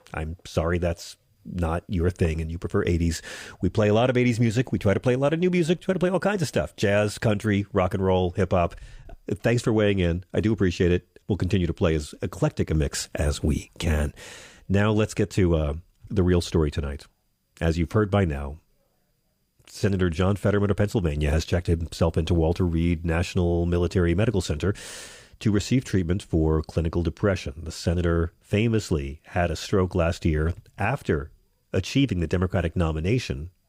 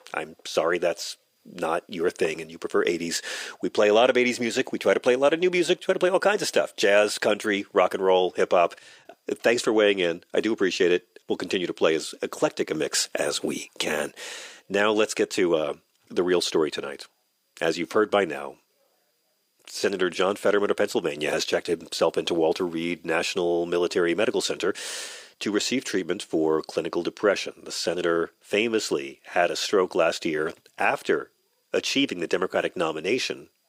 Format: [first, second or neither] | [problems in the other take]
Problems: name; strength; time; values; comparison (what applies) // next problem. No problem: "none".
first | thin; somewhat; fading below 350 Hz